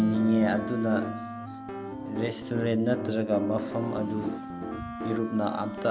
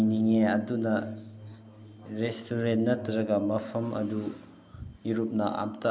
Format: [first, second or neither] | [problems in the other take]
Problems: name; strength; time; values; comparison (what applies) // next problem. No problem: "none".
second | background sound (Piano + Wind instrument, woodwind instrument); 7 dB below the speech